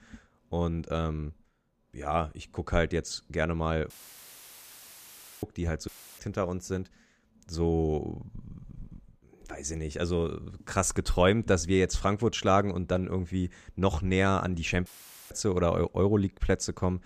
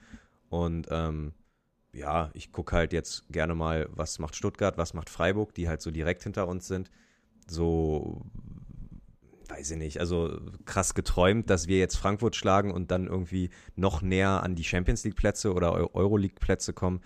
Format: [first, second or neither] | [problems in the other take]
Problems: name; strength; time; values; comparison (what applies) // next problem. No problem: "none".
second | audio cutting out; filled with static; at 4 s for 1.5 s, at 6 s and at 15 s